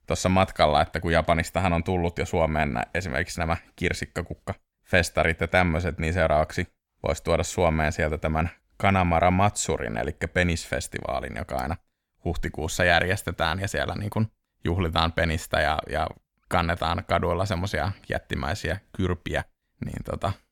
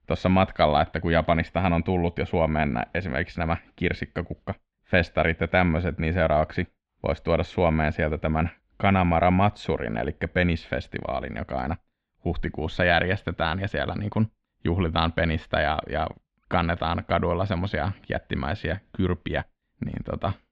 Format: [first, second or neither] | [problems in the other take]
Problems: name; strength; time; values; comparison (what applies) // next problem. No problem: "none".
first | muffled; slightly; fading above 3.5 kHz